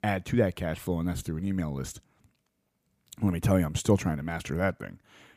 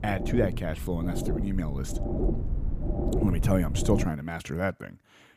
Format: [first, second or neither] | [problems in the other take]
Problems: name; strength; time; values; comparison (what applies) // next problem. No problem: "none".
first | low rumble; loud; until 4 s; 5 dB below the speech